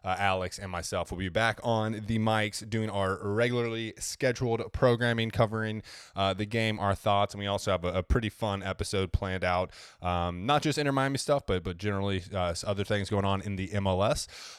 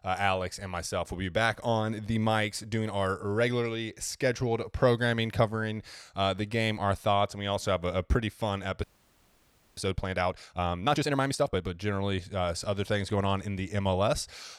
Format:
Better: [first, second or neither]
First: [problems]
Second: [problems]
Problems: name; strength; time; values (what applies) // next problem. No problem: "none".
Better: first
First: none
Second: audio freezing; at 9 s for 1 s